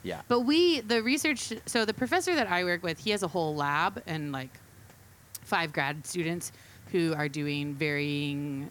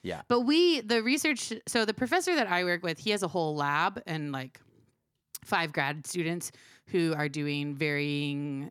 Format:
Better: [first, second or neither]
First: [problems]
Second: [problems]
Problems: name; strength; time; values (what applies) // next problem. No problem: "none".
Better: second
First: hiss; faint; throughout; 25 dB below the speech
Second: none